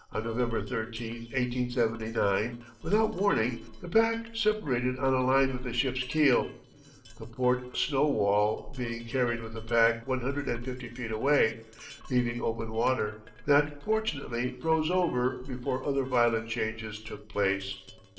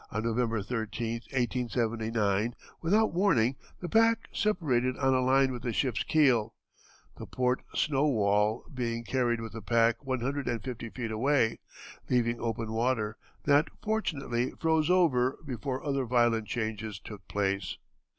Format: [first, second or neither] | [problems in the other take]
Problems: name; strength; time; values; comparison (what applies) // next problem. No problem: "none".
second | noise reduction (neural separator model SepFormer DNS4)